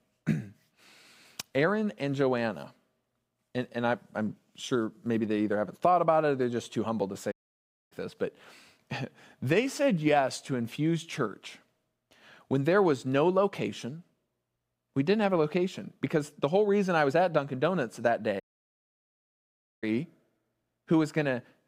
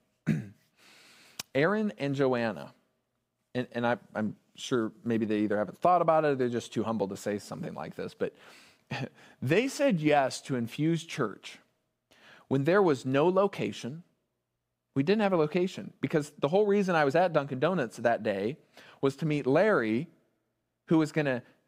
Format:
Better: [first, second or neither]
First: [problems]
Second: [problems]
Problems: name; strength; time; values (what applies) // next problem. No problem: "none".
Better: second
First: audio cutting out; at 7.5 s for 0.5 s and at 18 s for 1.5 s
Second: none